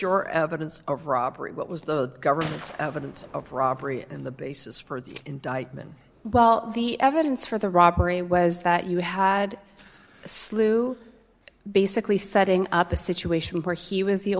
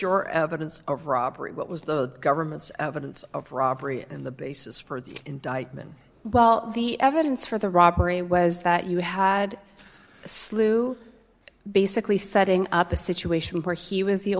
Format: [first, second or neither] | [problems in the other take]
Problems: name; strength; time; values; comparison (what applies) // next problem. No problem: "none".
second | background sound (Gunshot, gunfire); 19 dB below the speech